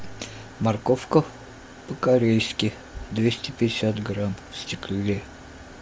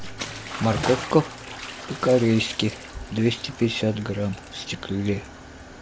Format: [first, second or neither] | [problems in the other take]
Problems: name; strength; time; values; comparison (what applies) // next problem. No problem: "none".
first | background sound (Bathtub (filling or washing) / Splash, splatter); 12 dB below the speech